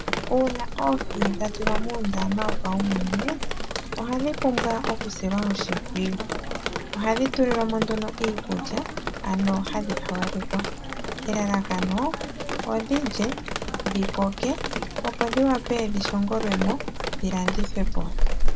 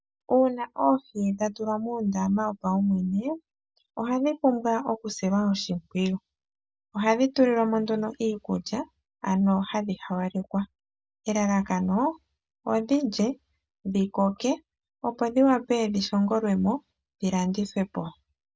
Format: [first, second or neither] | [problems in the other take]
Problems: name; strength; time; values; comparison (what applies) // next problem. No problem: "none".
second | background sound (Drip); 1 dB above the speech